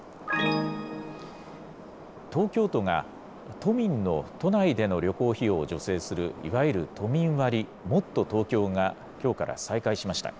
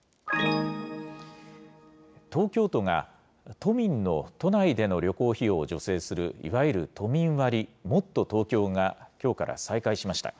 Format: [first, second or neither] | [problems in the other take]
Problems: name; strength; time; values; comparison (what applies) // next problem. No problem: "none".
second | background sound (Subway, metro, underground); 17 dB below the speech